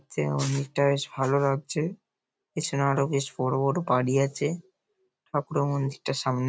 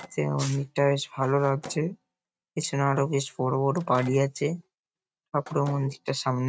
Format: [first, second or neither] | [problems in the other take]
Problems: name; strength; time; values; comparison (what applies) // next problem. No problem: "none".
first | noise reduction (neural mask model RNNoise)